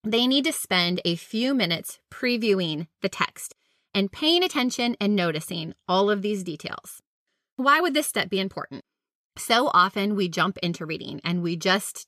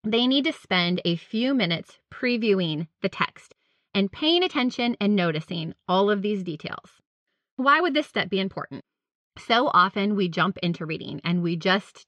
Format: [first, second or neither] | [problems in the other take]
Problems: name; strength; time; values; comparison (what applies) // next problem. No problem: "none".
first | muffled; very slightly; fading above 4 kHz